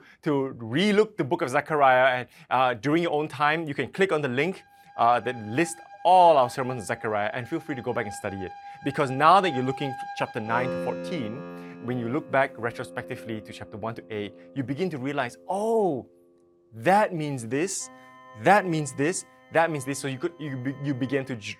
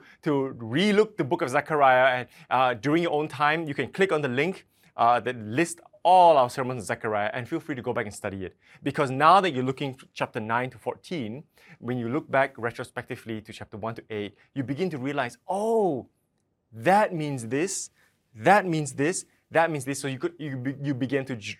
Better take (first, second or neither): second